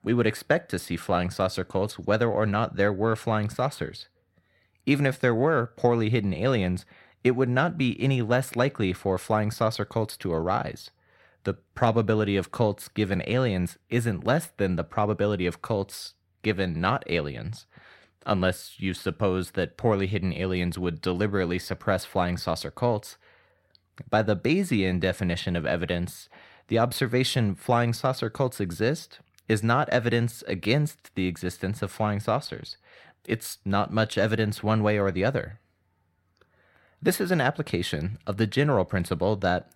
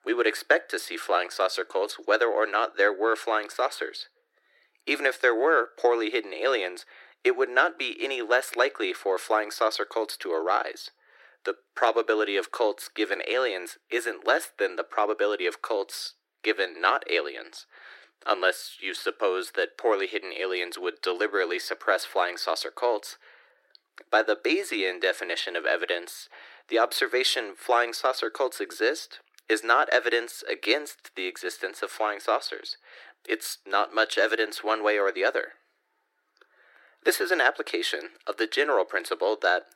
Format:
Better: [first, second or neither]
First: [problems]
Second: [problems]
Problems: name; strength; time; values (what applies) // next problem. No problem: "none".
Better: first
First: none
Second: thin; very; fading below 300 Hz